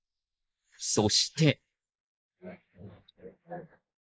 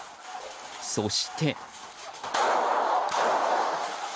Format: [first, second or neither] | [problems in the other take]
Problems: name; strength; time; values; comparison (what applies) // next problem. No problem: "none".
second | noise reduction (neural mask model Resemble Enhance denoiser)